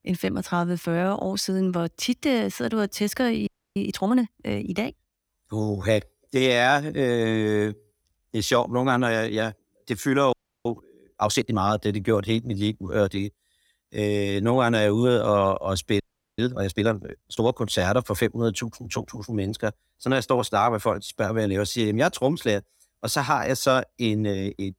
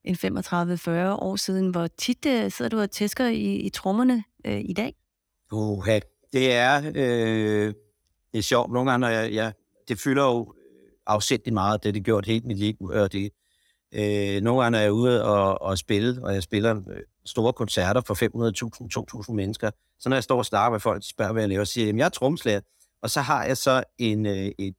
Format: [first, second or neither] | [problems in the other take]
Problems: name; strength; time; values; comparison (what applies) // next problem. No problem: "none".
second | audio freezing; at 3.5 s, at 10 s and at 16 s